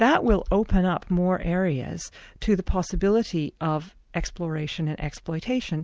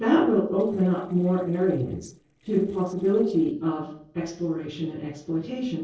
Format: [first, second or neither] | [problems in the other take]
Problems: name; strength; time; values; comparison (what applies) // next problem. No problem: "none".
first | noise reduction (neural separator model SepFormer DNS4)